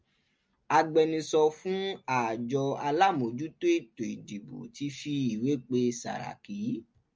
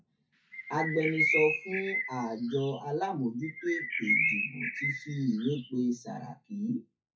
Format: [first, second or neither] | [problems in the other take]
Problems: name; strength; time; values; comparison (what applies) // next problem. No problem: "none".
first | noise reduction (classical method WPE with log-MMSE)